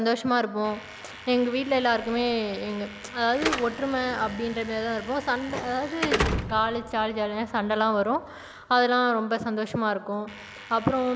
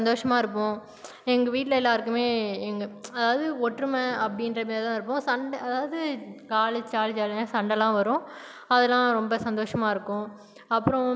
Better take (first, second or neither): second